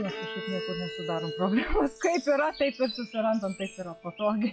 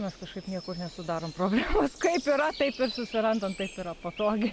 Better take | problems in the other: second | noise reduction (classical method log-MMSE)

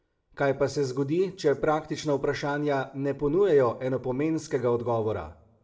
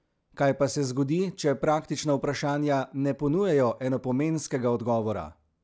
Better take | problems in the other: second | room echo; dies away in 0.4 s

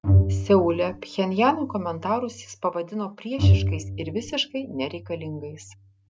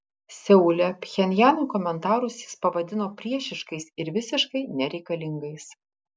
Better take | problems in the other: second | background sound (Bowed string instrument); 1 dB above the speech

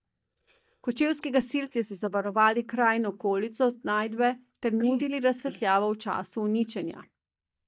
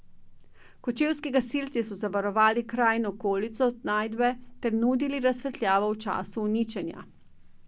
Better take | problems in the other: second | noise reduction (neural mask model DeepFilterNet 3)

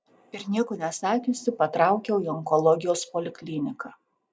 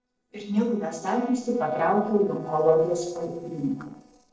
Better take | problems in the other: first | noise reduction (neural separator model SepFormer DNS4)

